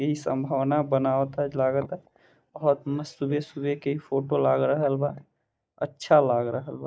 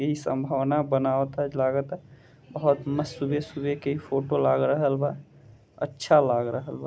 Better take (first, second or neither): second